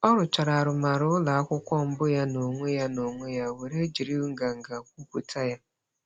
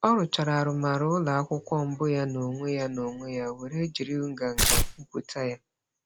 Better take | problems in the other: first | background sound (Tearing); 5 dB above the speech

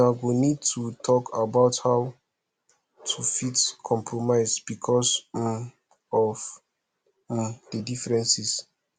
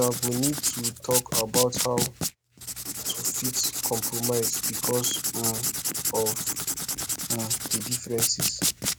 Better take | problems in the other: first | background sound (Writing); 2 dB above the speech

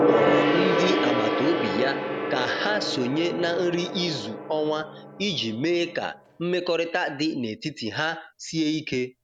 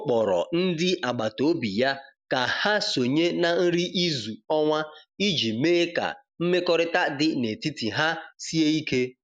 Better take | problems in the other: second | background sound (Gong); 1 dB below the speech

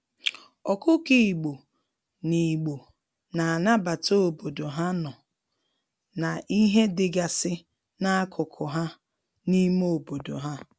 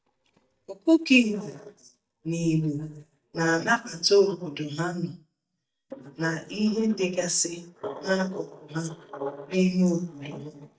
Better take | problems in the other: first | noise reduction (neural mask model DeepFilterNet 3)

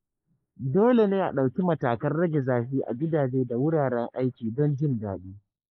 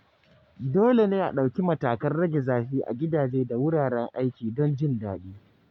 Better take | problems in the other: second | noise reduction (neural mask model Resemble Enhance denoiser)

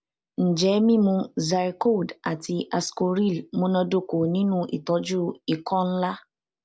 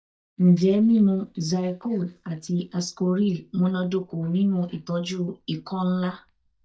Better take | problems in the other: first | noise reduction (neural mask model DeepFilterNet 3)

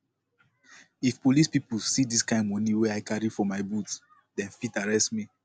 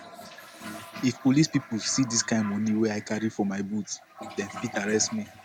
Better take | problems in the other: first | background sound (Toilet flush); 15 dB below the speech

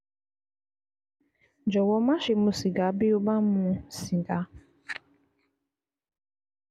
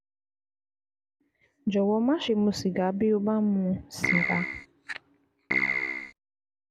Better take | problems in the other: first | background sound (Keyboard (musical)); 1 dB above the speech

